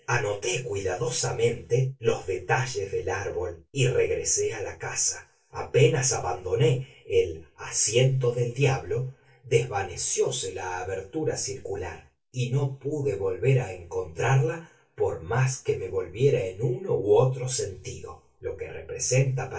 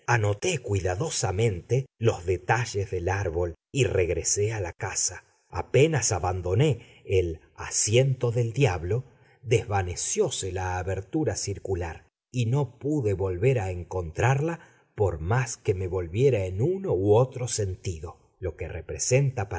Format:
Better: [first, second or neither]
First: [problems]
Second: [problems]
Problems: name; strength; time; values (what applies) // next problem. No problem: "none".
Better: second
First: room echo; dies away in 0.1 s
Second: none